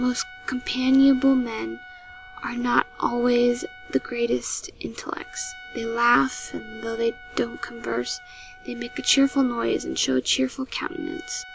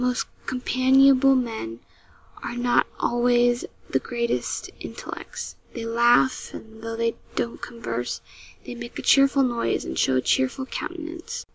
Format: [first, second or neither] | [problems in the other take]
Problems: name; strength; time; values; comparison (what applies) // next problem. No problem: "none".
second | background sound (Trumpet); 19 dB below the speech